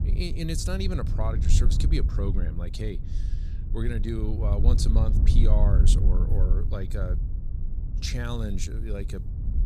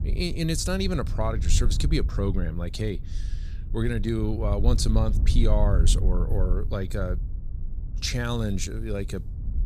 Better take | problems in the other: second | wind noise on the microphone; heavy; 7 dB below the speech; occasional gusts in the second

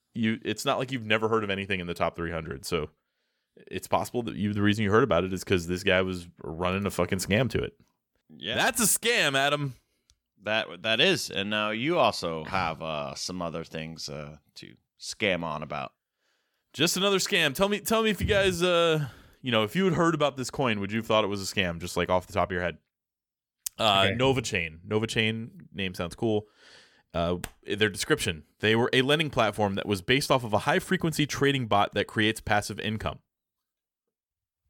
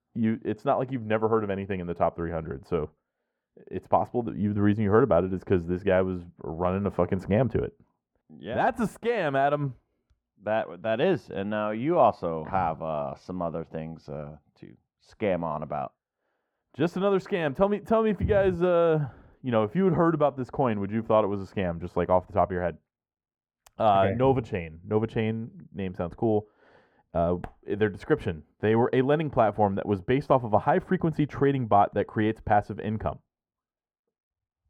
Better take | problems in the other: first | muffled; very; fading above 2.5 kHz

